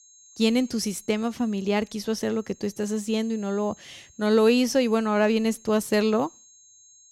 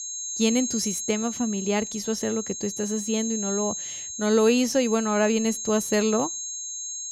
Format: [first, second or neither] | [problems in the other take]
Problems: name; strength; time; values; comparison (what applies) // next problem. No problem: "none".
first | high-pitched whine; loud; throughout; 6.5 kHz, 5 dB below the speech; faint in the first